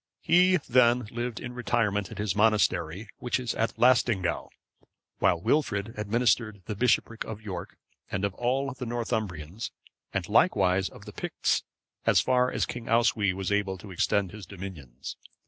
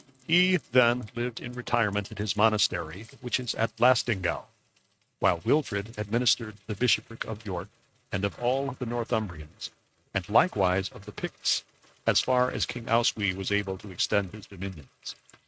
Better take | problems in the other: first | noise reduction (neural mask model RNNoise)

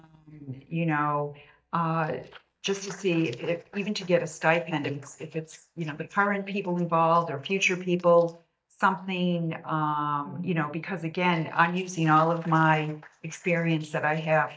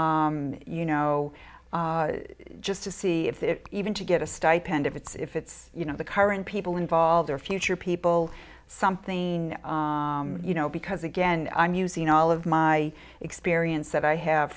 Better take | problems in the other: second | noise reduction (neural mask model DeepFilterNet 3)

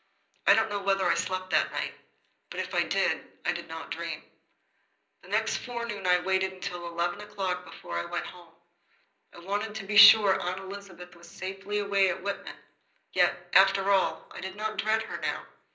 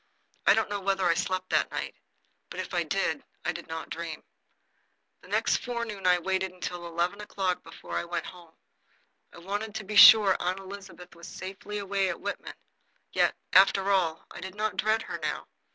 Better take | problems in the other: second | room echo; dies away in 0.5 s

